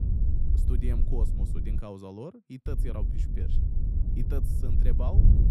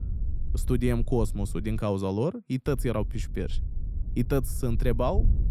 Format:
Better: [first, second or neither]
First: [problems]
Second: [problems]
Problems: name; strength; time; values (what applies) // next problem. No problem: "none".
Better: second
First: wind noise on the microphone; heavy; until 2 s and from 2.5 s on; 2 dB below the speech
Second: wind noise on the microphone; occasional gusts; until 2 s and from 2.5 s on; 20 dB below the speech